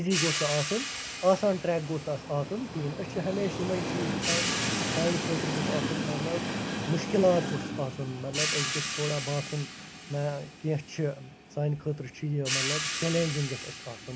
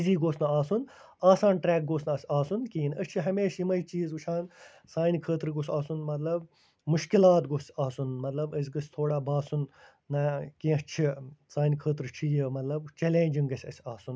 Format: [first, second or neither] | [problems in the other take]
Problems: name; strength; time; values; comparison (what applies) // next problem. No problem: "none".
second | background sound (Hi-hat + Train); 3 dB below the speech